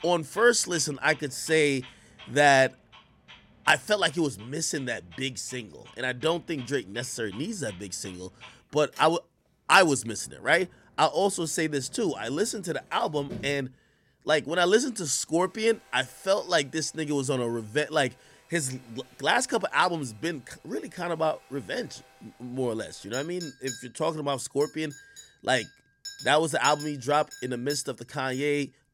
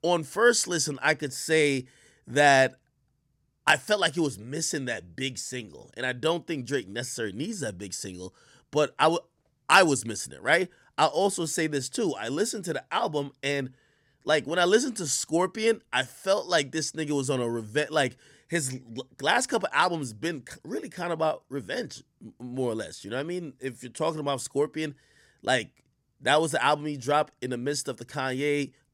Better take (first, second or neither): second